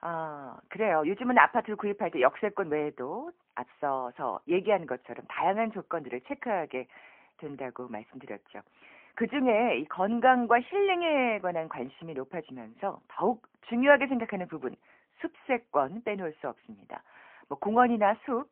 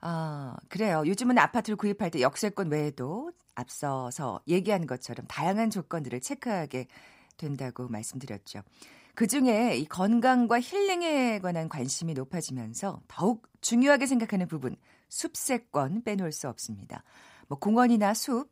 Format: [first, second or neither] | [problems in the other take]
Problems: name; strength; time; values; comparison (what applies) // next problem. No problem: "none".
second | phone-call audio; poor line; nothing above 3 kHz